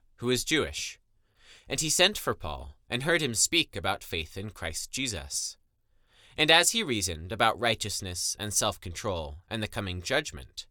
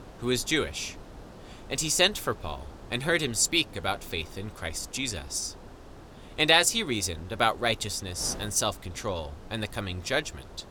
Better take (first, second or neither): first